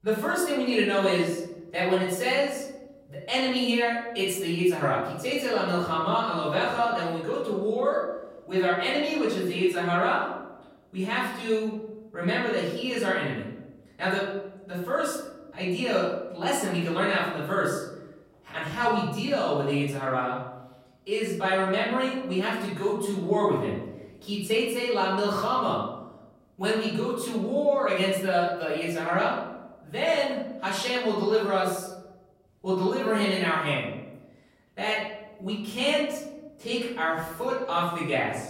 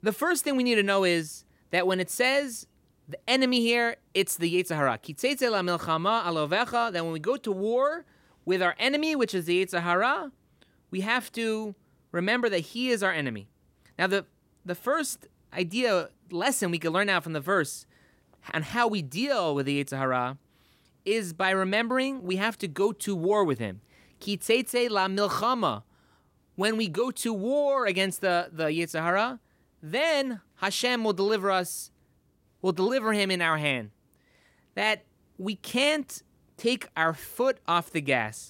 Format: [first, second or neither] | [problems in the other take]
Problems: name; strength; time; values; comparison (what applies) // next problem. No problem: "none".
second | off-mic speech; far // room echo; noticeable; dies away in 0.8 s